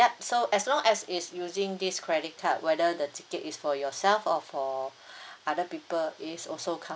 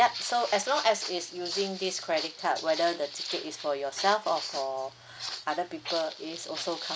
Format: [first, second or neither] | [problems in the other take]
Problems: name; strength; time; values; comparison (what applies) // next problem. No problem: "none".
first | background sound (Walk, footsteps); 9 dB below the speech